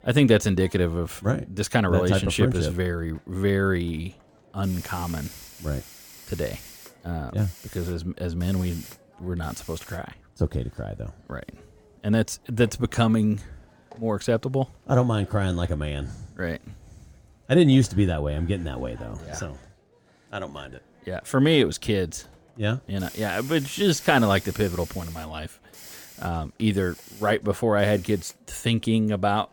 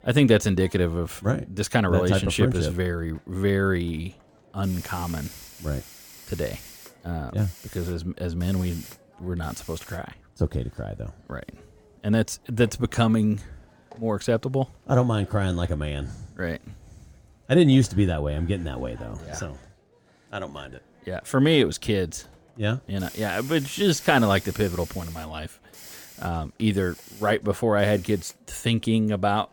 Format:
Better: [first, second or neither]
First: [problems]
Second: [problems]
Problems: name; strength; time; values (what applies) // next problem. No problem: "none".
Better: neither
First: hiss; noticeable; throughout; 20 dB below the speech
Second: hiss; noticeable; throughout; 20 dB below the speech